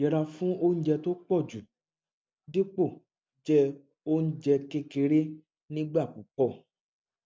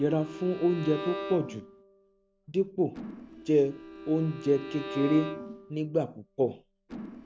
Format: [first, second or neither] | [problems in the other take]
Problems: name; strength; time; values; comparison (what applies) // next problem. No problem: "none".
first | background sound (Bowed string instrument + Mechanisms); 11 dB below the speech